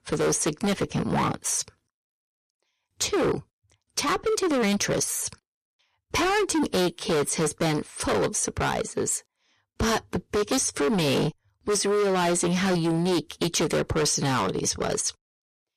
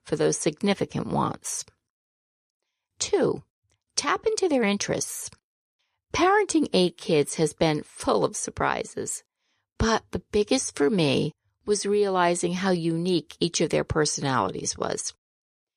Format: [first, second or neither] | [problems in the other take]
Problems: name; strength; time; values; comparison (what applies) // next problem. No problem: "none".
second | distortion; heavy; 20% of the sound clipped